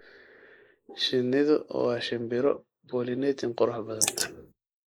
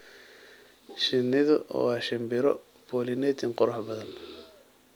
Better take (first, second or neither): second